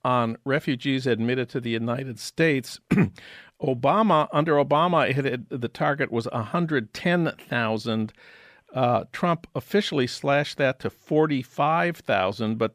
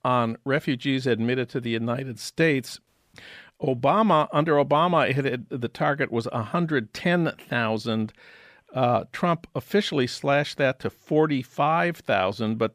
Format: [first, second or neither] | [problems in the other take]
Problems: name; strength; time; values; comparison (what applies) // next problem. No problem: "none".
first | audio cutting out; at 3 s